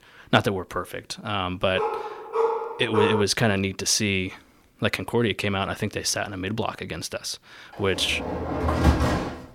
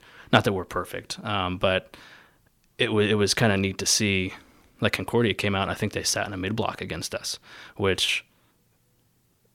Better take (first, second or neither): second